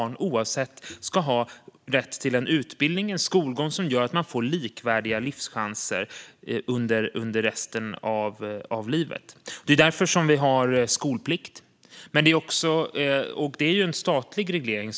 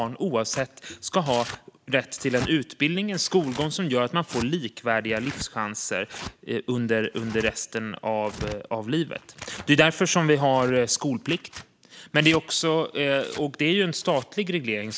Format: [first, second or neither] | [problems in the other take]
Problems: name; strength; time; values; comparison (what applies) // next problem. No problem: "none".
first | background sound (Tearing); 17 dB below the speech